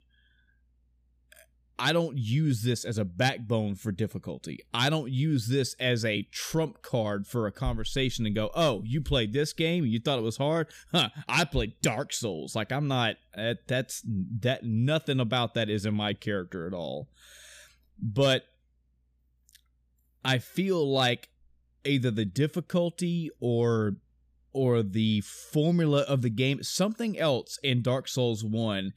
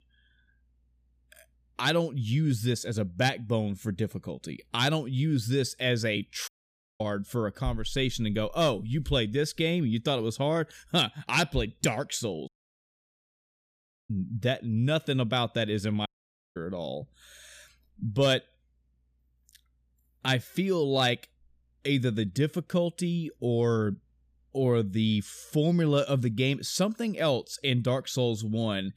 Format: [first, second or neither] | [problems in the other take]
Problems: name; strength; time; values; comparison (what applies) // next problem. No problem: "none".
first | audio cutting out; at 6.5 s for 0.5 s, at 12 s for 1.5 s and at 16 s for 0.5 s